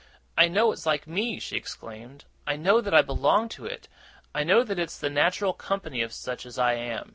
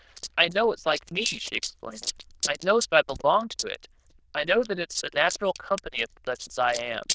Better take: first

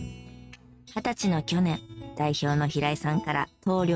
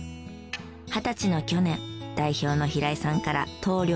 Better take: second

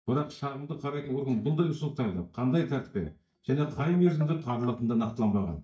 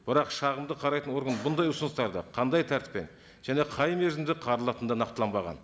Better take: second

